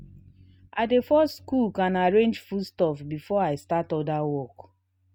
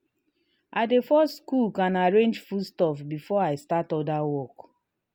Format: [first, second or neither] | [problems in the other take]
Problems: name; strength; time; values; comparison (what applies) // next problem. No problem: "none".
second | noise reduction (neural mask model RNNoise)